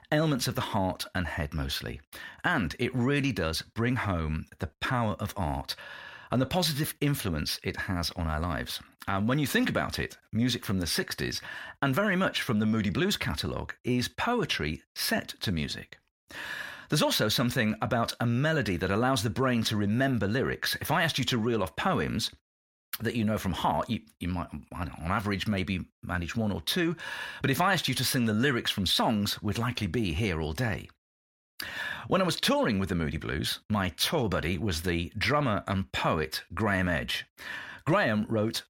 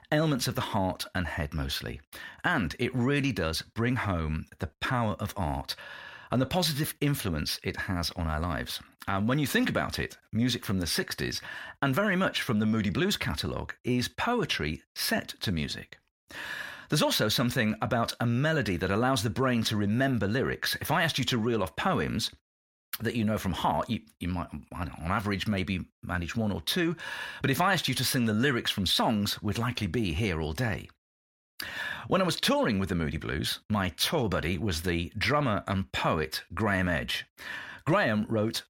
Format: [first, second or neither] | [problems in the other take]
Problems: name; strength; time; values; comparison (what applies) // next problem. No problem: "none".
neither | none